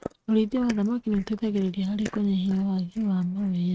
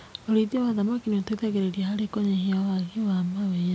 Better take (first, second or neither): second